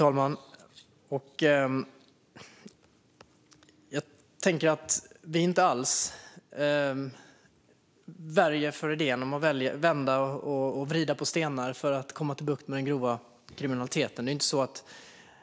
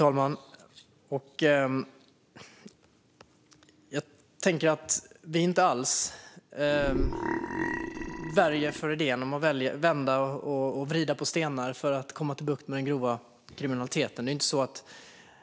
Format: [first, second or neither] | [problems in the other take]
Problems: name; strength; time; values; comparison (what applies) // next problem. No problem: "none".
first | background sound (Burping, eructation); 3 dB below the speech